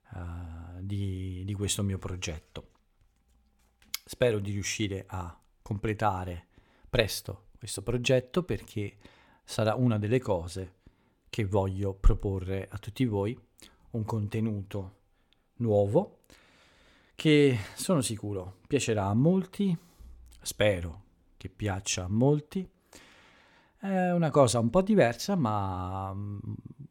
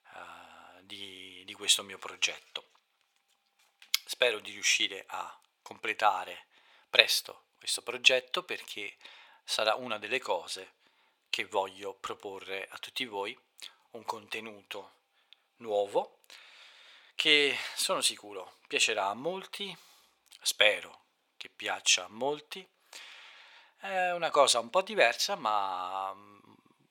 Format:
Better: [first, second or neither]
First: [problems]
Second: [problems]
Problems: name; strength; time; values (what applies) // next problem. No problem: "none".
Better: first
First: none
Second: thin; very; fading below 800 Hz